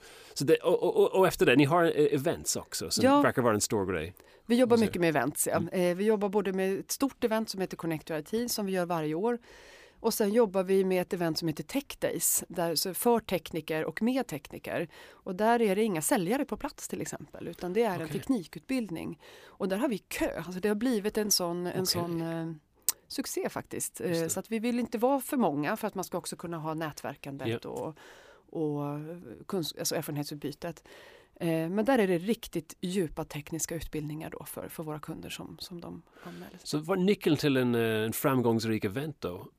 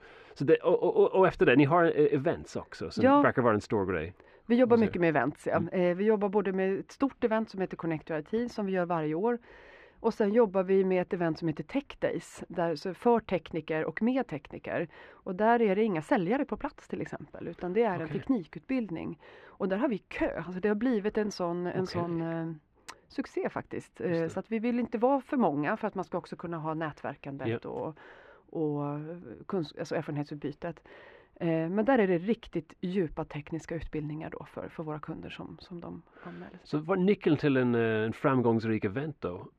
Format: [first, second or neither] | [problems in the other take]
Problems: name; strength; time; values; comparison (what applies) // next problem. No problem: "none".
first | muffled; very; fading above 2 kHz